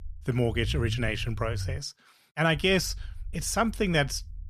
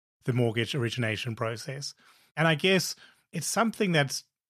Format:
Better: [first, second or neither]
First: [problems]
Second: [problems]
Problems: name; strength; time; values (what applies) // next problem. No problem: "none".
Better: second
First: low rumble; faint; until 2 s and from 2.5 s on; 25 dB below the speech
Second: none